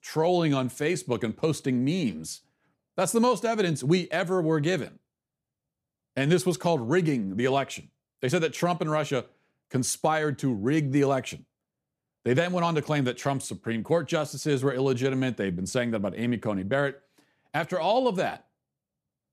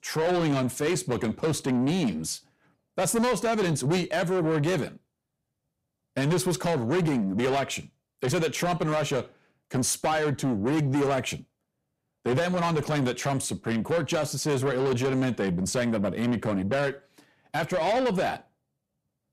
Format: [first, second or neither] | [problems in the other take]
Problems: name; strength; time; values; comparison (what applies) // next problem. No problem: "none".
first | distortion; heavy; 8 dB below the speech